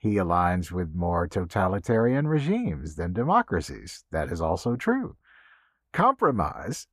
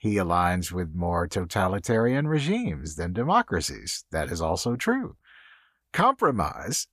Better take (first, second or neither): second